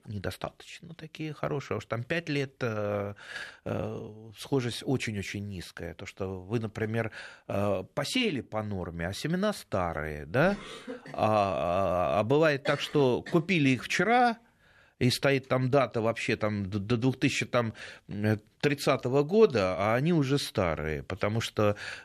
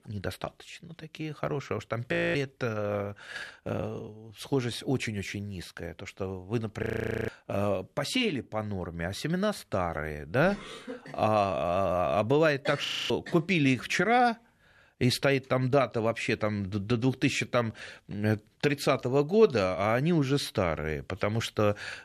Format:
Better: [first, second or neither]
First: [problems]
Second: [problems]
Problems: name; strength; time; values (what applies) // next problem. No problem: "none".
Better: first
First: none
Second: audio freezing; at 2 s, at 7 s and at 13 s